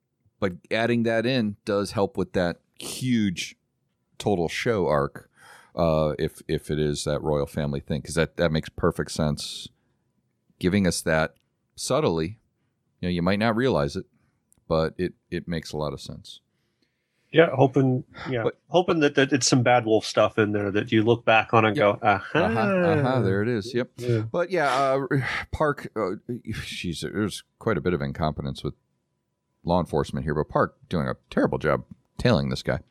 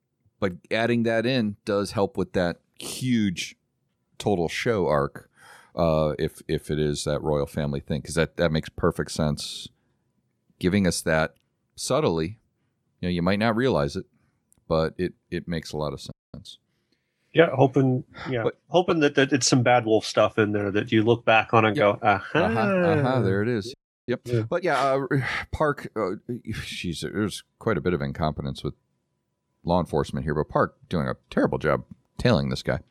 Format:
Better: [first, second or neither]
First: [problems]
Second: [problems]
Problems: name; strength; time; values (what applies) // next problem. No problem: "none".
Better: first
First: none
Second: audio freezing; at 16 s and at 24 s